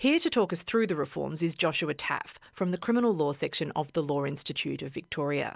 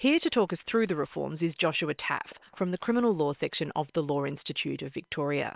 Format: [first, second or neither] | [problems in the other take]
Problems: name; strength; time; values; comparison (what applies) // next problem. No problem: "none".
first | noise reduction (neural separator model SepFormer WHAM!)